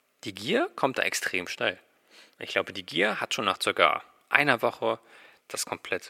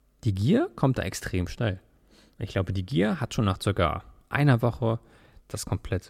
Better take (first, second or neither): second